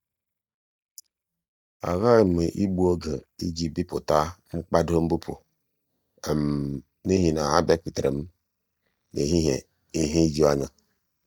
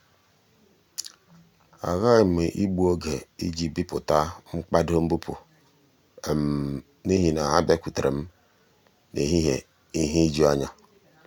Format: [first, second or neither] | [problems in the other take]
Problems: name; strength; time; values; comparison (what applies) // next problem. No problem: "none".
second | noise reduction (neural mask model DeepFilterNet 3)